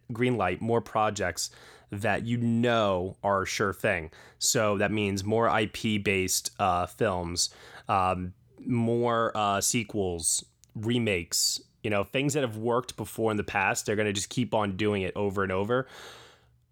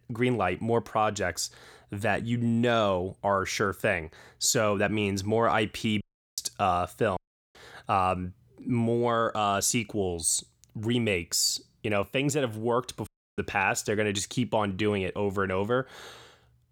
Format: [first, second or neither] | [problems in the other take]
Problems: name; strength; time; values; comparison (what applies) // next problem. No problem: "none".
first | audio cutting out; at 6 s, at 7 s and at 13 s